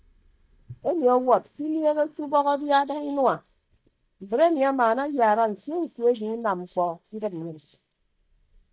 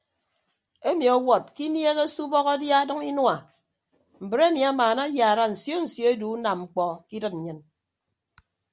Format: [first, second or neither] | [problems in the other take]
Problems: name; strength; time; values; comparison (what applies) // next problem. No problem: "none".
second | noise reduction (neural mask model DeepFilterNet 3)